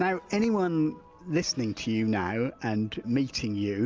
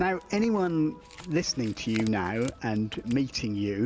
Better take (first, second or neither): first